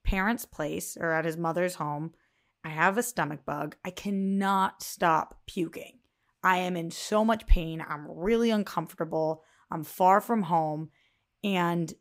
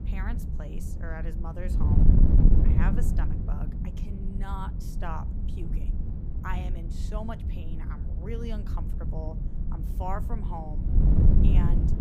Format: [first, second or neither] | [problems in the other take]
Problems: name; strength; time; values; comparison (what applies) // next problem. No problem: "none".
first | wind noise on the microphone; heavy; as loud as the speech